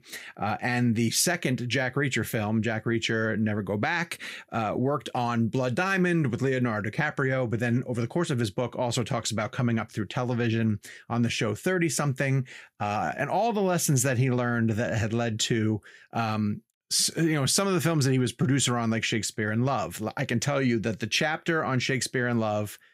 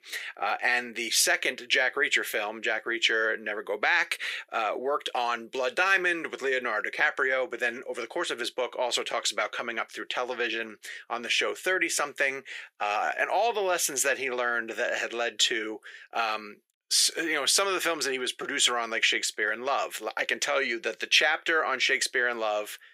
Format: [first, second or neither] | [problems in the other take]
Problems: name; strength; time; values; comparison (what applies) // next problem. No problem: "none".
first | thin; very; fading below 400 Hz